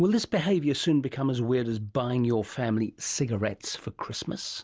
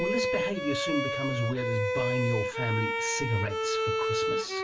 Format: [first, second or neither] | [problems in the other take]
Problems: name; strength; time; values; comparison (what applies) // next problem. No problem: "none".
first | background sound (Bowed string instrument); 2 dB above the speech // room echo; dies away in 0.2 s